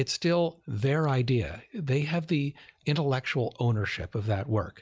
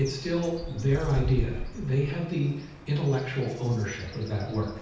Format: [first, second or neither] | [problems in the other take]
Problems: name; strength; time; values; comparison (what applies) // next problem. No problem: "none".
first | background sound (Bird); 8 dB below the speech // room echo; dies away in 0.8 s